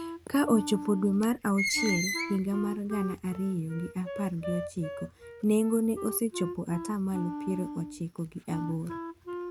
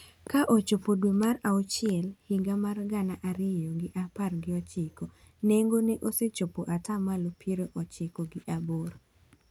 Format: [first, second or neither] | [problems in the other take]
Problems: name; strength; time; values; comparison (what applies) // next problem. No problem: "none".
second | background sound (Screech + Wind instrument, woodwind instrument); 8 dB below the speech